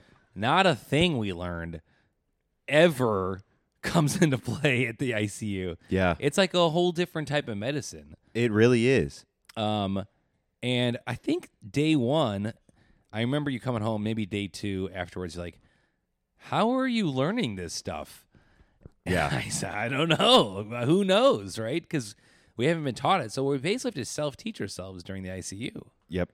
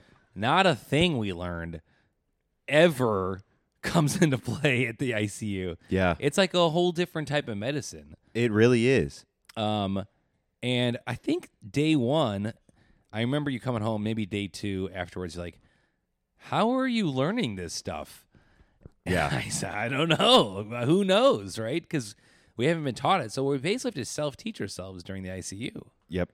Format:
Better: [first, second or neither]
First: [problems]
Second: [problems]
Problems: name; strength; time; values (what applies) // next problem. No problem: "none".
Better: neither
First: none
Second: none